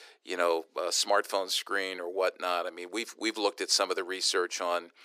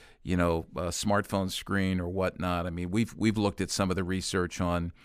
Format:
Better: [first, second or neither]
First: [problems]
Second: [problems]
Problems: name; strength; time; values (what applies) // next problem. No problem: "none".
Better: second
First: thin; very; fading below 350 Hz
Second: none